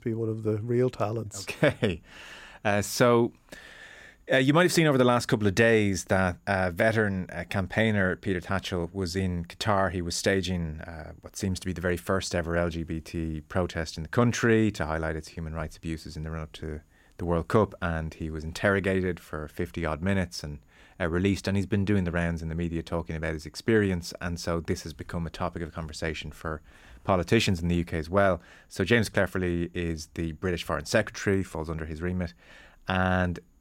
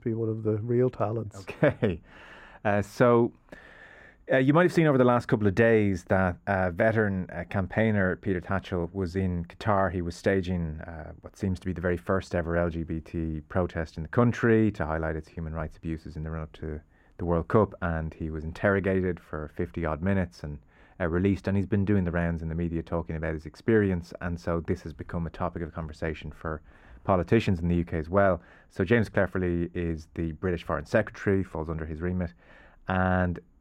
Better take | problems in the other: first | muffled; slightly; fading above 2.5 kHz

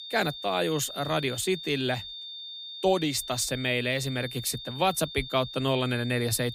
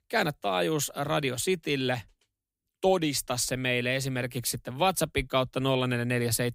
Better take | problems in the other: second | high-pitched whine; loud; throughout; 3.5 kHz, 10 dB below the speech

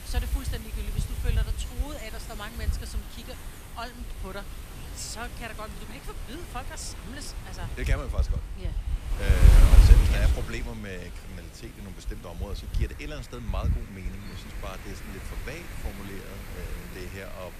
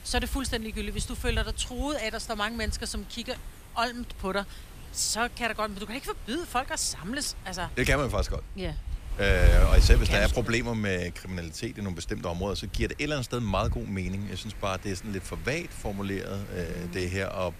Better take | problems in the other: second | wind noise on the microphone; heavy; 2 dB below the speech; occasional gusts in the second

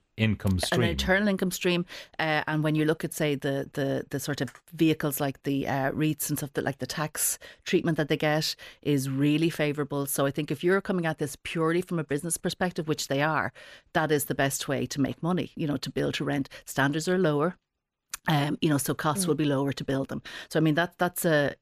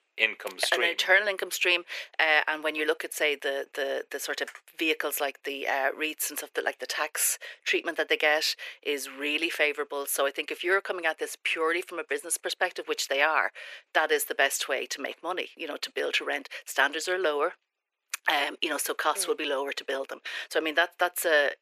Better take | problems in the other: first | thin; very; fading below 400 Hz

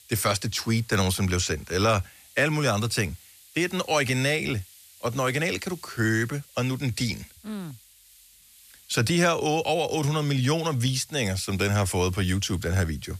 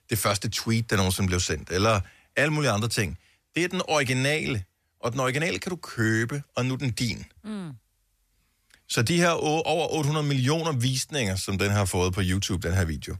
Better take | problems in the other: second | hiss; faint; throughout; 25 dB below the speech

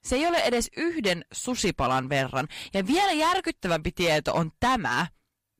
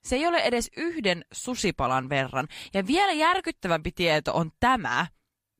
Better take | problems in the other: second | distortion; slight; 8% of the sound clipped

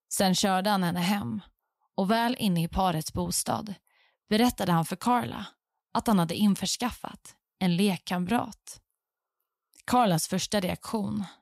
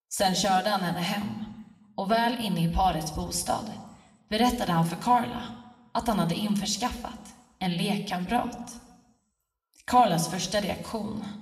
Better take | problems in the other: first | room echo; slight; dies away in 0.9 s // off-mic speech; somewhat distant

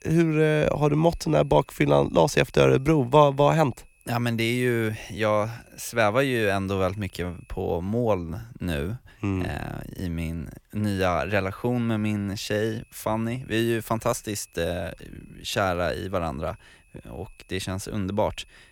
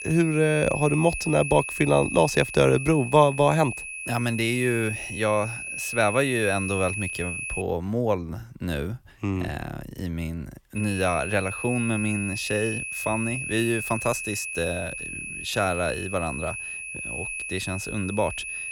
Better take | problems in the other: first | high-pitched whine; loud; until 7.5 s and from 11 s on; 2.5 kHz, 6 dB below the speech; faint in the first

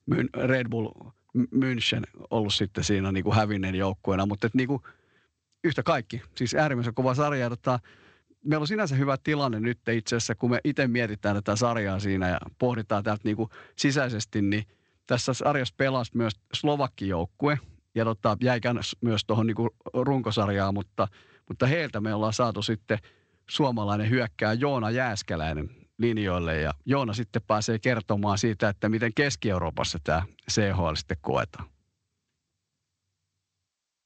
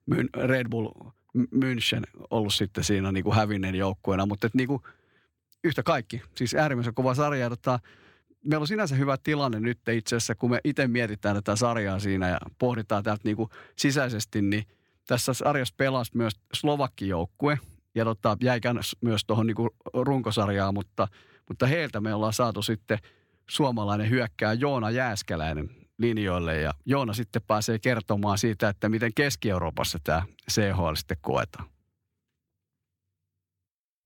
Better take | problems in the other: second | garbled, watery; slightly; nothing above 7.5 kHz

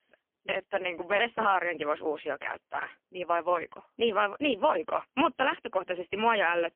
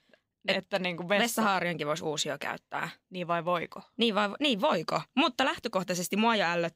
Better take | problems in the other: second | phone-call audio; poor line; nothing above 3 kHz

